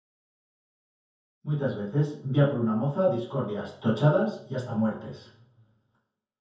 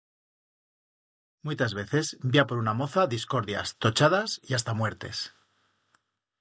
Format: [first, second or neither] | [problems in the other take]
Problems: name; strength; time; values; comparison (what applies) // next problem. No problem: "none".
second | room echo; dies away in 0.6 s